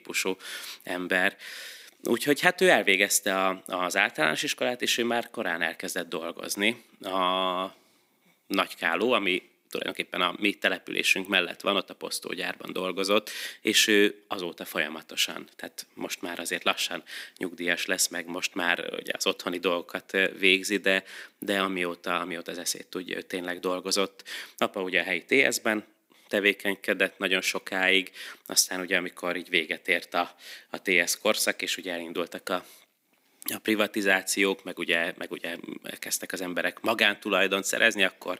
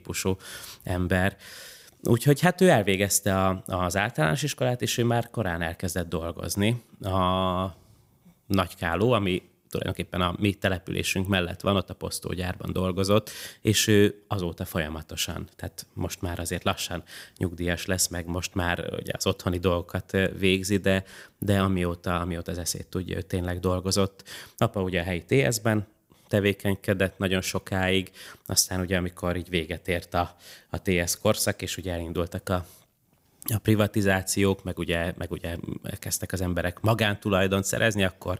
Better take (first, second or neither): second